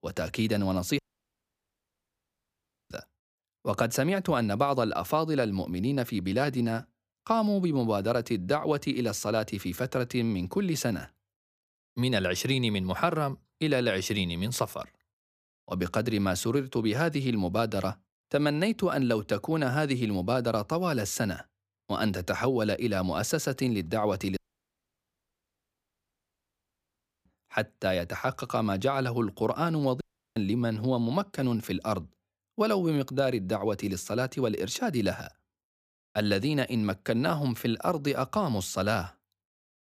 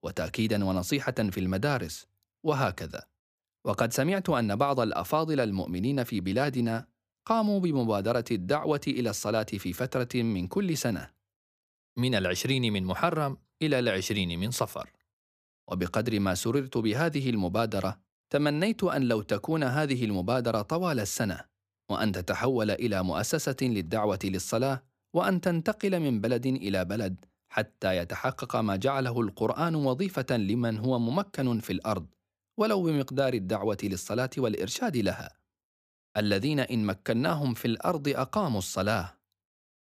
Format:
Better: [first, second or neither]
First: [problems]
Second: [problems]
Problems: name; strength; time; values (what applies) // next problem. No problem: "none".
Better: second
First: audio cutting out; at 1 s for 2 s, at 24 s for 3 s and at 30 s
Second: none